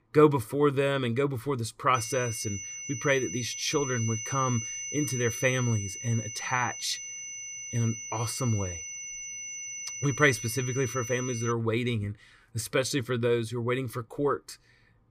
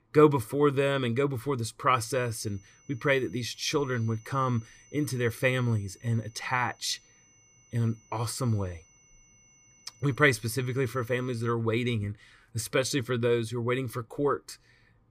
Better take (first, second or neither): second